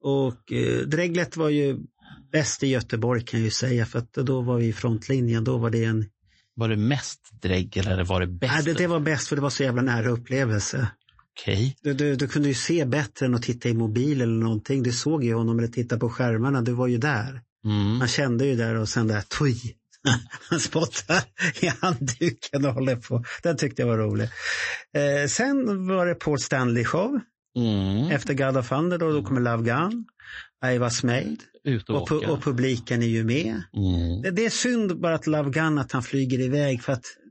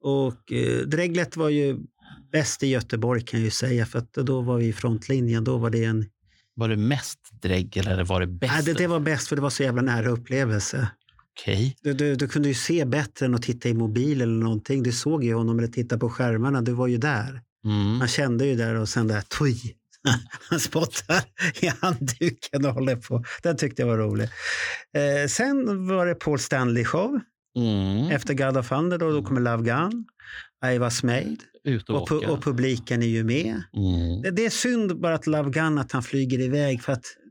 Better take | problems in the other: second | garbled, watery; slightly; nothing above 8 kHz

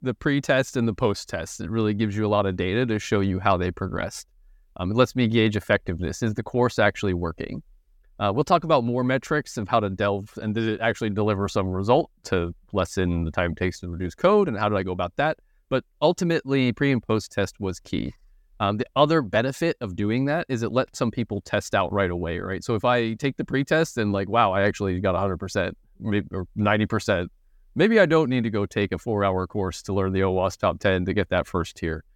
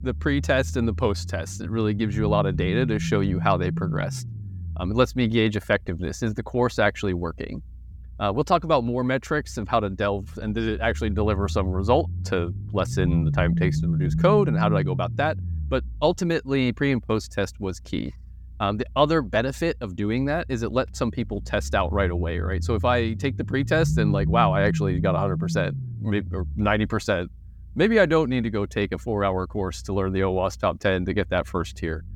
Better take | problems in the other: first | low rumble; noticeable; throughout; 15 dB below the speech

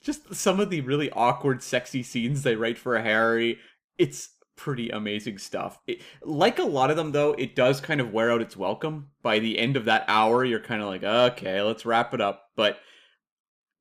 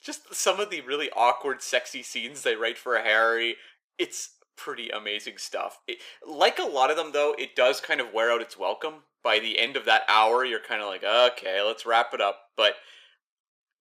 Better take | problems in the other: first | thin; very; fading below 500 Hz

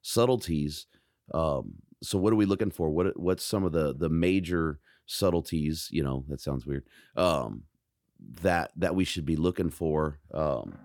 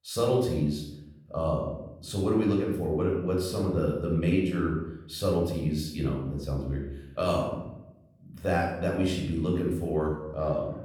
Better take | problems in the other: first | off-mic speech; far // room echo; noticeable; dies away in 0.7 s

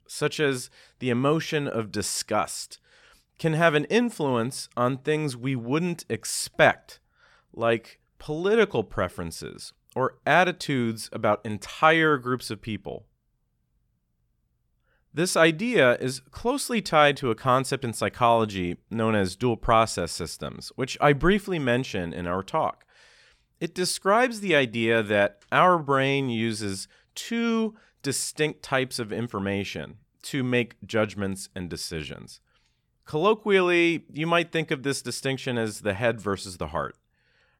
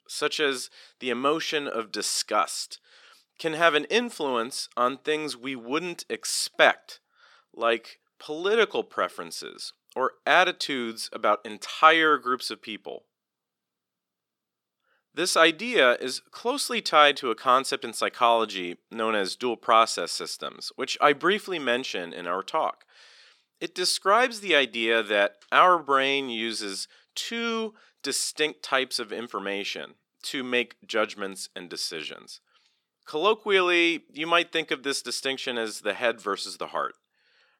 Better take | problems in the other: first | thin; somewhat; fading below 300 Hz

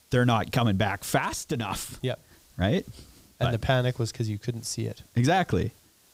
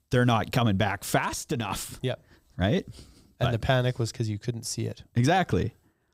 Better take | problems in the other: second | hiss; faint; throughout; 30 dB below the speech

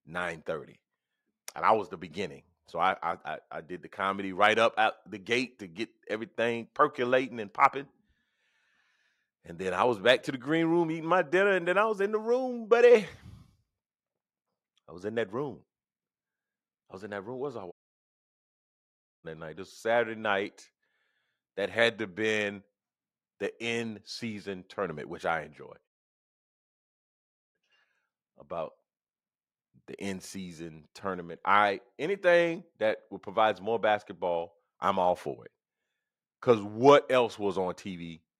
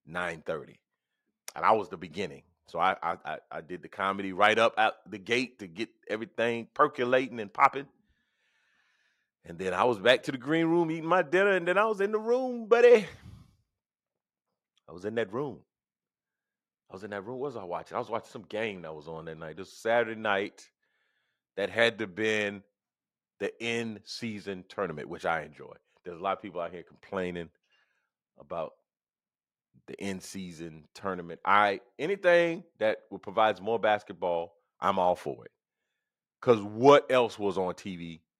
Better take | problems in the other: second | audio cutting out; at 18 s for 1.5 s and at 26 s for 1.5 s

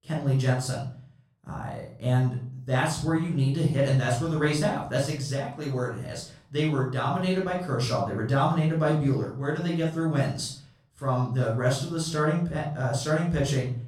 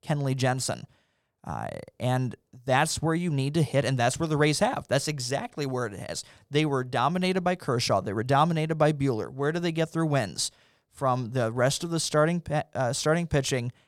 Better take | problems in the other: second | off-mic speech; far // room echo; noticeable; dies away in 0.5 s

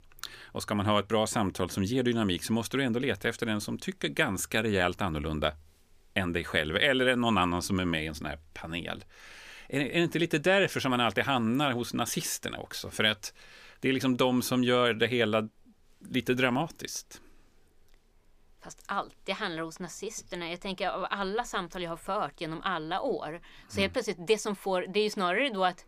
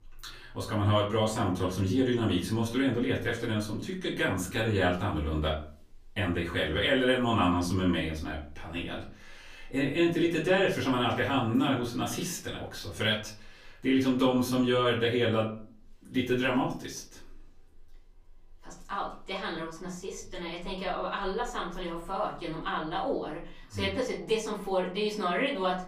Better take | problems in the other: first | off-mic speech; far // room echo; slight; dies away in 0.4 s

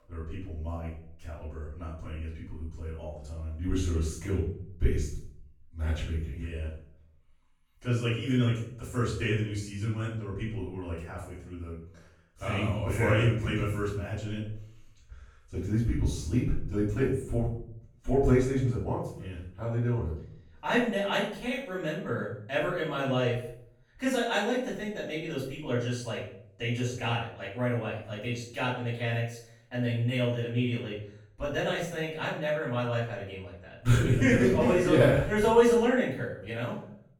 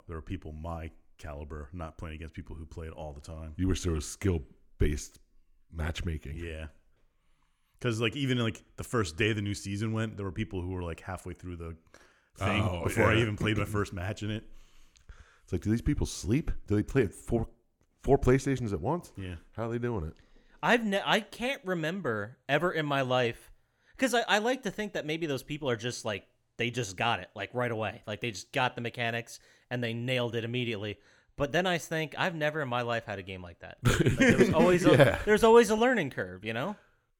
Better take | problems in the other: second | off-mic speech; far // room echo; noticeable; dies away in 0.5 s

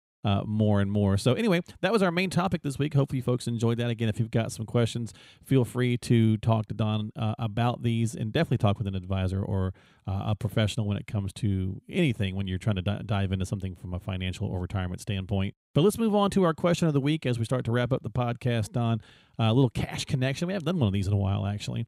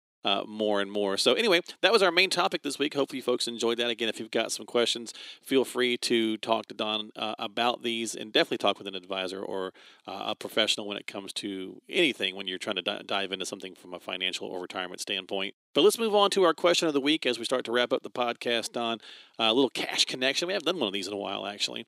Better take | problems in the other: first | thin; somewhat; fading below 300 Hz

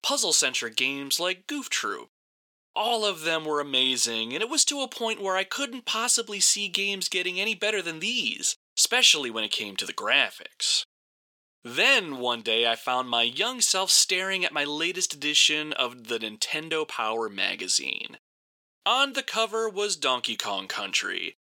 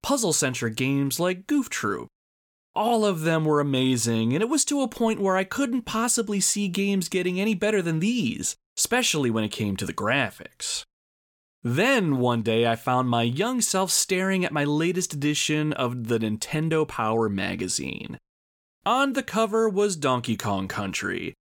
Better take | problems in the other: second | thin; somewhat; fading below 450 Hz

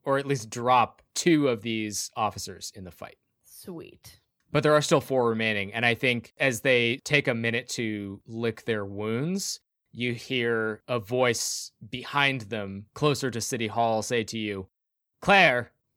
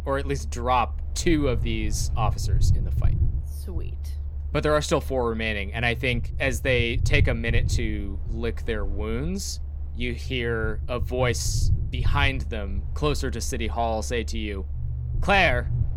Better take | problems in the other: first | low rumble; noticeable; throughout; 20 dB below the speech

